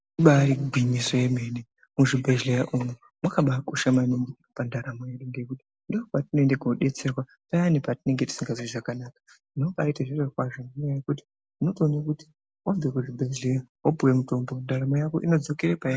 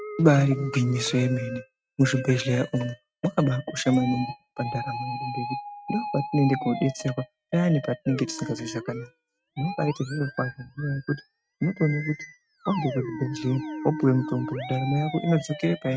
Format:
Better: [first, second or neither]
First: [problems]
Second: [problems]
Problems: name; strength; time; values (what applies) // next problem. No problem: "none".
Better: first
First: none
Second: noise reduction (neural mask model RNNoise)